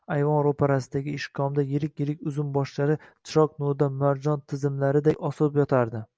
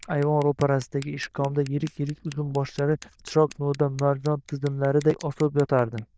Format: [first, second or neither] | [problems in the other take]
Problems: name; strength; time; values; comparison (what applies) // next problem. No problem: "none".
first | noise reduction (neural diffusion model UNIVERSE++)